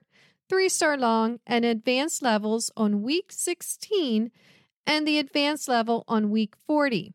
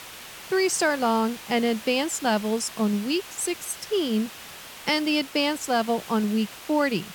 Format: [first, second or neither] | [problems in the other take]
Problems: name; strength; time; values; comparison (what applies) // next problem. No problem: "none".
first | hiss; noticeable; throughout; 15 dB below the speech